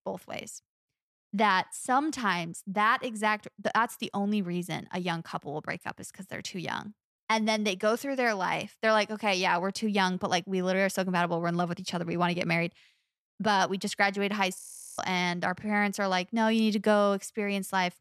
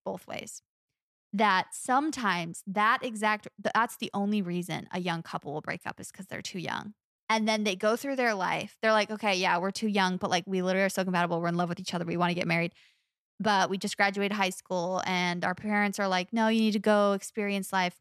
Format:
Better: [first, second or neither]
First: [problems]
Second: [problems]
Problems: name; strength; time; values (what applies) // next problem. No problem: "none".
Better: second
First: audio freezing; at 15 s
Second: none